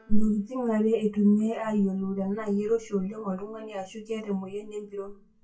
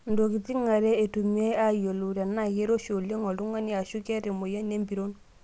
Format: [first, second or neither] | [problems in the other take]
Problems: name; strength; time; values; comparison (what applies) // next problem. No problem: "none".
second | noise reduction (classical method WPE with log-MMSE)